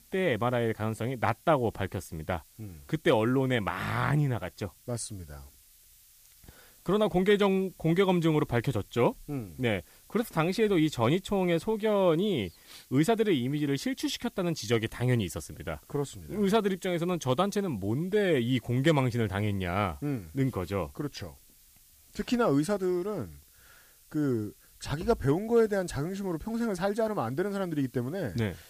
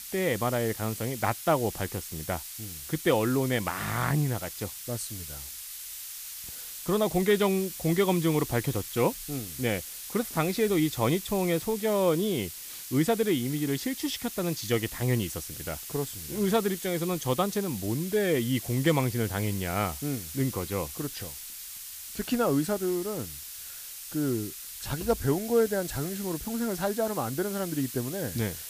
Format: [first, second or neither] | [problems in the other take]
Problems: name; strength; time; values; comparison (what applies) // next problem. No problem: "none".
first | hiss; loud; throughout; 9 dB below the speech; faint in the first